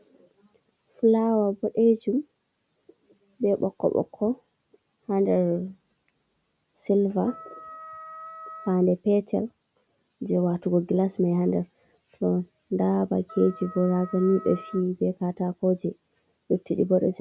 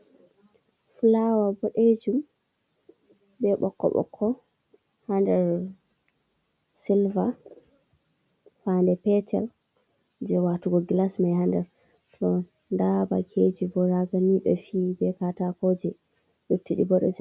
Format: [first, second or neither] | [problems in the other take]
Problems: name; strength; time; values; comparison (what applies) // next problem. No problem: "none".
second | background sound (Wind instrument, woodwind instrument); 16 dB below the speech